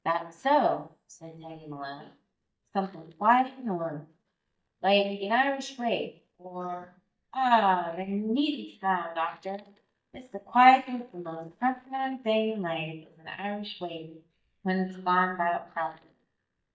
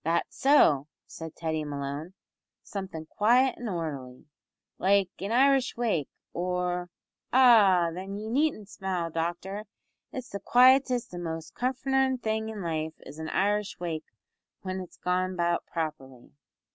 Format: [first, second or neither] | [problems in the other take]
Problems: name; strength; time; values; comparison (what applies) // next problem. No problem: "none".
second | noise reduction (neural mask model DeepFilterNet 3)